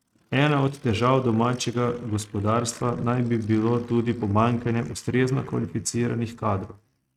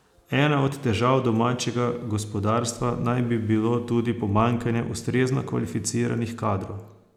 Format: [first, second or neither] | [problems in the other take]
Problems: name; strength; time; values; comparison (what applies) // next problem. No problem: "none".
second | noise reduction (neural mask model RNNoise)